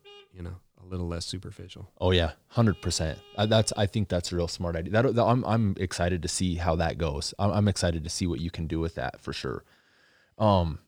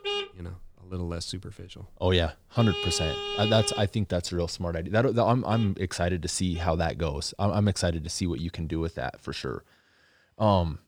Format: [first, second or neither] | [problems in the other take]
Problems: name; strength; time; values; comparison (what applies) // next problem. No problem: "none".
first | traffic noise; loud; throughout; 6 dB below the speech; faint in the first